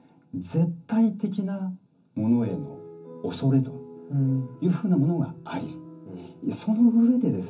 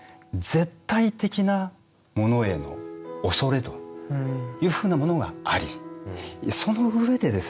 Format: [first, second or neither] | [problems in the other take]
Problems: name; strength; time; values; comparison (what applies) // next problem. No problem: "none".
second | room echo; dies away in 0.3 s